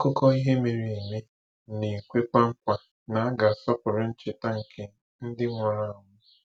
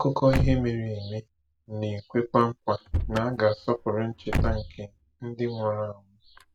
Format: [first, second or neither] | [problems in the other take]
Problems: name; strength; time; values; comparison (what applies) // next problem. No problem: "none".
first | background sound (Slam / Car); 6 dB below the speech